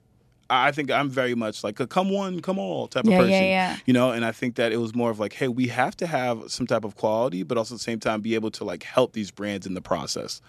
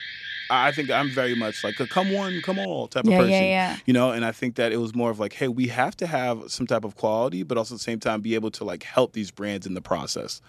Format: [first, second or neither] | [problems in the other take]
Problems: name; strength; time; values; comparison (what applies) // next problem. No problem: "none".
first | alarm; noticeable; until 2.5 s; peak 7 dB below the speech